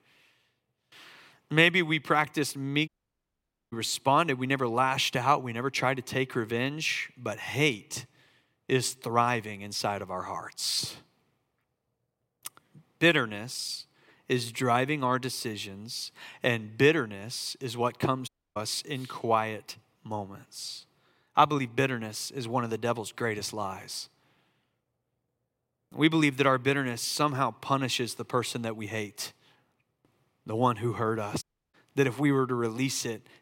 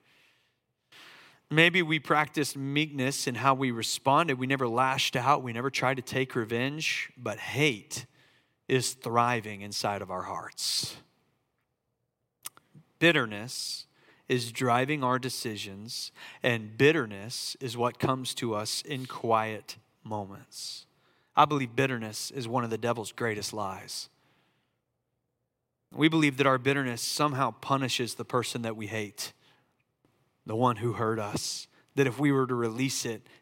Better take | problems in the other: second | audio cutting out; at 3 s for 1 s, at 18 s and at 31 s

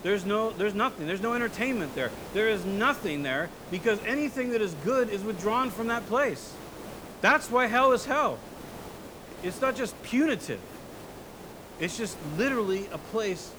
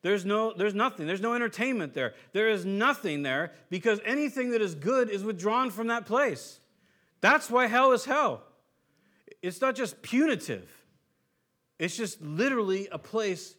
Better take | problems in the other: second | hiss; noticeable; throughout; 15 dB below the speech

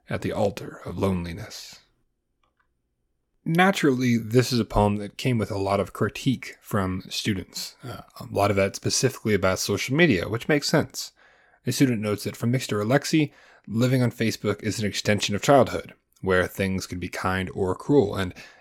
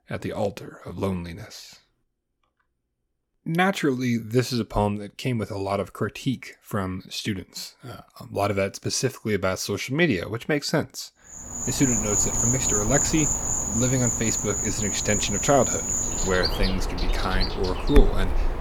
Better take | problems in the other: first | animal sounds; very loud; from 12 s on; 2 dB above the speech

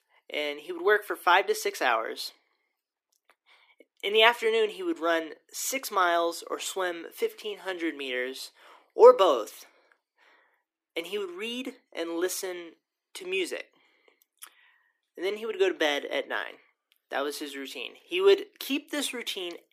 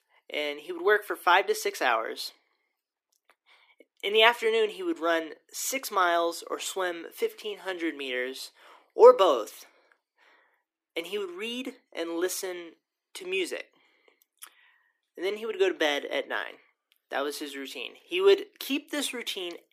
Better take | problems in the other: neither | thin; somewhat; fading below 300 Hz; the same in both

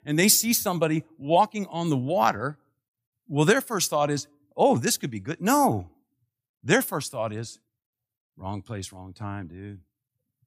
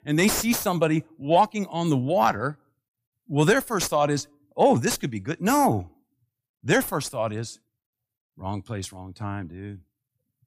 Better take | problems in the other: first | distortion; slight; 10 dB below the speech

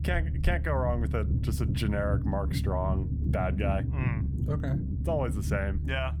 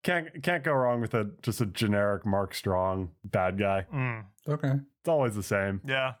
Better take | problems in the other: second | low rumble; loud; throughout; 9 dB below the speech

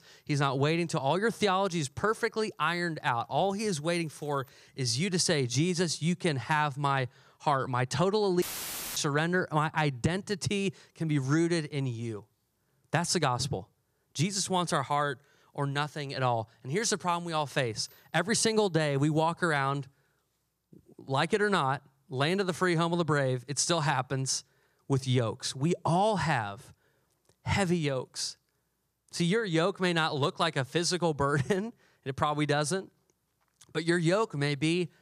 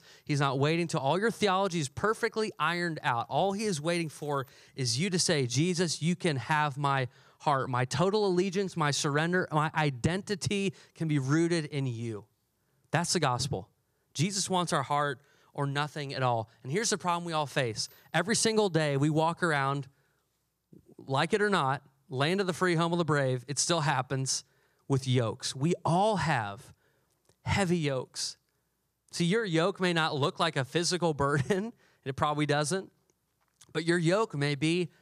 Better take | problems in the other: second | audio cutting out; filled with static; at 8.5 s for 0.5 s

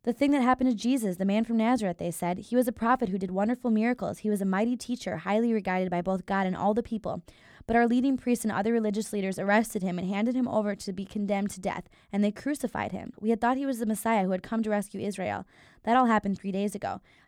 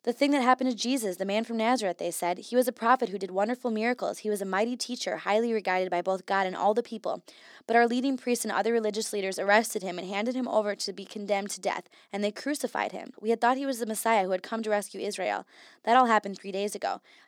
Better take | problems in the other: first | thin; very slightly; fading below 300 Hz

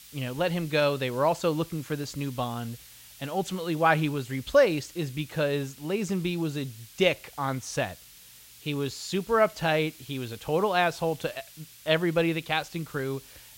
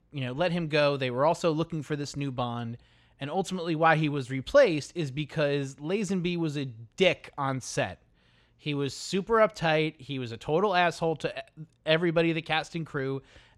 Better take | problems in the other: second | hiss; noticeable; throughout; 20 dB below the speech

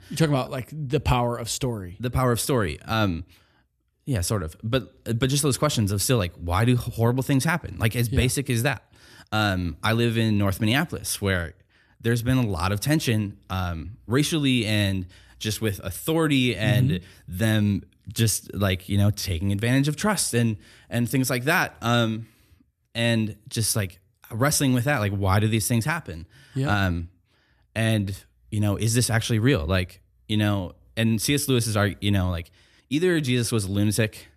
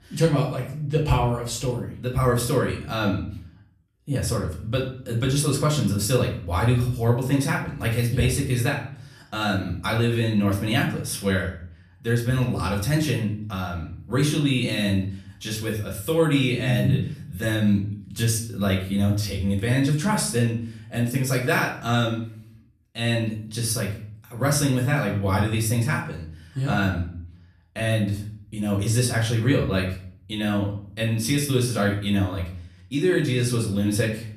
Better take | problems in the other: first | off-mic speech; far // room echo; slight; dies away in 0.4 s

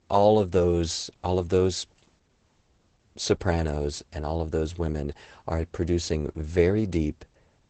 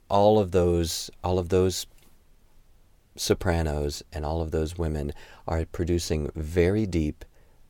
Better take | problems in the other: second | garbled, watery; badly; nothing above 8 kHz

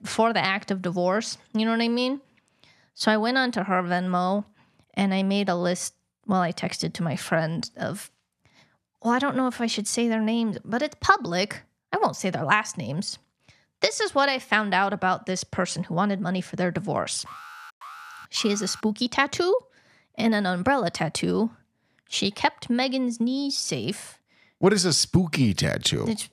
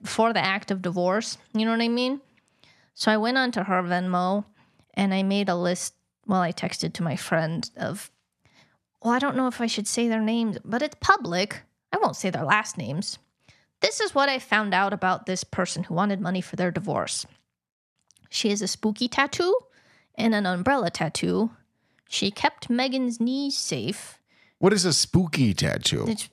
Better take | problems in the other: second | alarm; faint; from 17 to 19 s; peak 15 dB below the speech

